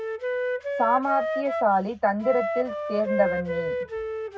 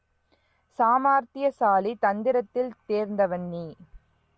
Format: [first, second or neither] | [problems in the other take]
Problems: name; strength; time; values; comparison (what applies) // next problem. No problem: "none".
second | background sound (Wind instrument, woodwind instrument); 2 dB below the speech // room echo; dies away in 0.3 s